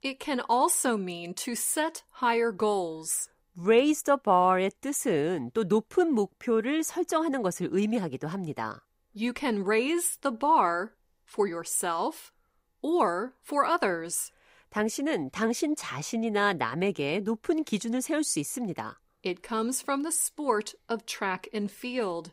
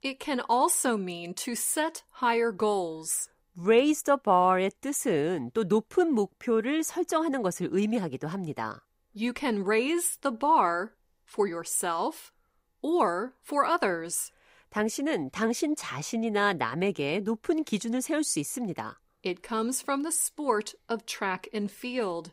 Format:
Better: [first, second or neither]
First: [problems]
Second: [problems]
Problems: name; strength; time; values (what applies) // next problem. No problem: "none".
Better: neither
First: none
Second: none